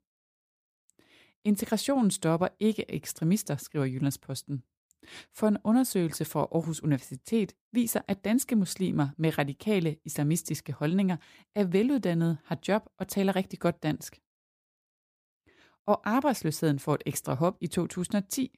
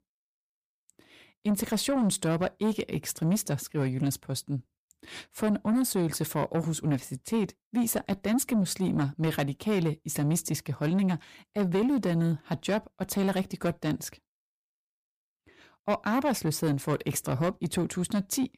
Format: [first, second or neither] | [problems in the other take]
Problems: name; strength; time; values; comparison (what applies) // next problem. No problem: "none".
first | distortion; slight; 10 dB below the speech